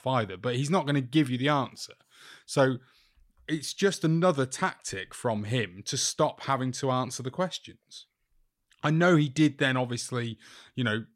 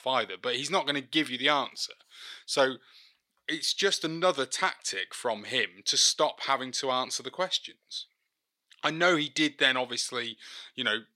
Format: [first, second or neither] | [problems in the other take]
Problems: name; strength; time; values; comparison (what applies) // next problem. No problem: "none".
first | thin; somewhat; fading below 400 Hz